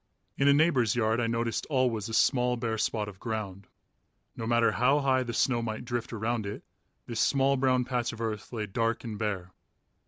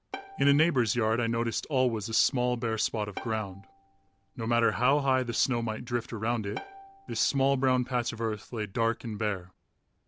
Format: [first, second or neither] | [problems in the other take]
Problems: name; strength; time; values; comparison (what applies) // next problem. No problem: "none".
first | background sound (Bowed string instrument); 19 dB below the speech